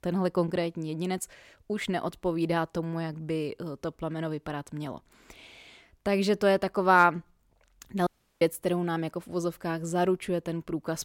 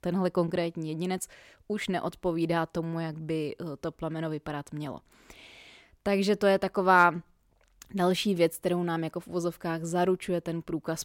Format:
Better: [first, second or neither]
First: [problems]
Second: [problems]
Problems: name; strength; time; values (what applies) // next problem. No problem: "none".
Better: second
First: audio cutting out; at 8 s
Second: none